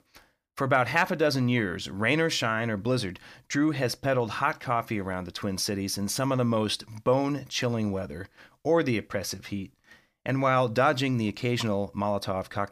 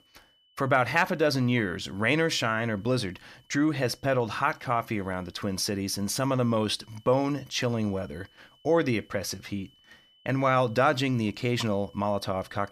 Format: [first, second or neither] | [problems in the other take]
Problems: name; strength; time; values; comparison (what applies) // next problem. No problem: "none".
first | high-pitched whine; faint; throughout; 3 kHz, 35 dB below the speech